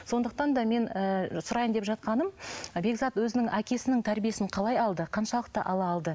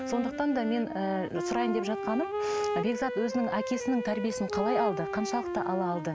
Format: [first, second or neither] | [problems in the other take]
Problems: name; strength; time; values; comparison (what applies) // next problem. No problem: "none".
first | background sound (Wind instrument, woodwind instrument); 3 dB below the speech